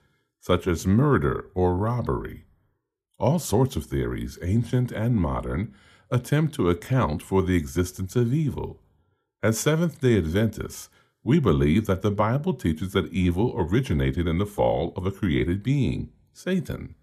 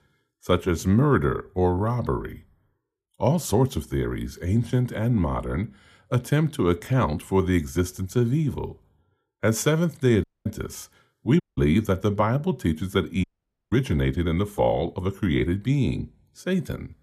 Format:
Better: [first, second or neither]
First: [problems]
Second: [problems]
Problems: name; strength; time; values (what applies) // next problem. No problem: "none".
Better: first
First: none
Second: audio cutting out; at 10 s, at 11 s and at 13 s